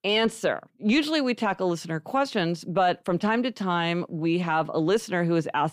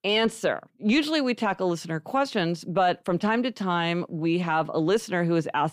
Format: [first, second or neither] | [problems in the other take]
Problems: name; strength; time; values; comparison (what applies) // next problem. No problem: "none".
neither | none